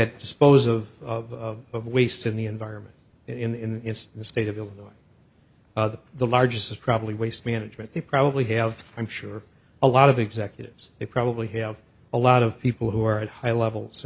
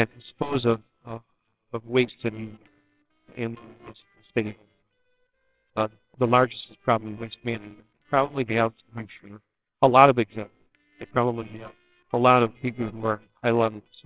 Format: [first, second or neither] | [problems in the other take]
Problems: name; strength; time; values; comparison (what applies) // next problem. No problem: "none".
first | noise reduction (neural separator model SepFormer WHAMR!)